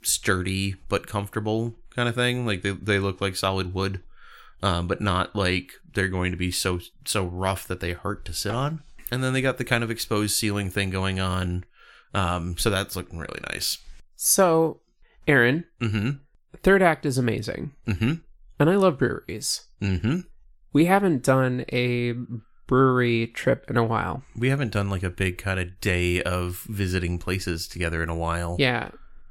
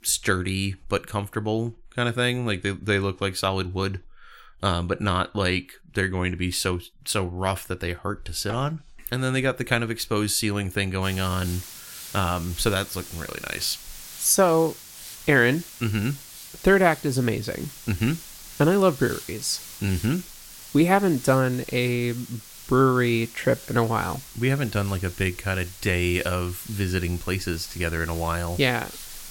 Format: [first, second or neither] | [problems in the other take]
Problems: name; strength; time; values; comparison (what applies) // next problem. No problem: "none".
first | hiss; noticeable; from 11 s on; 15 dB below the speech